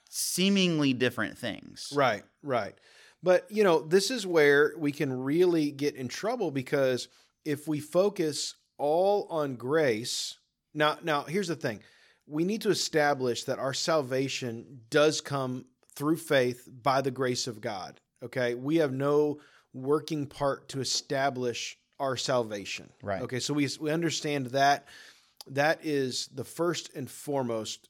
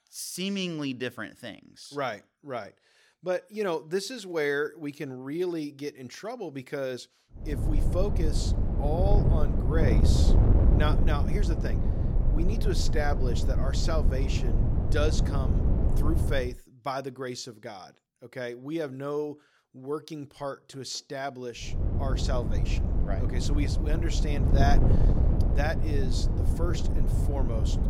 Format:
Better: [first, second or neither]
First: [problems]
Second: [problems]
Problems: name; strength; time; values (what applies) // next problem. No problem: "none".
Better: first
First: none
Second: wind noise on the microphone; heavy; from 7.5 to 16 s and from 22 s on; 4 dB below the speech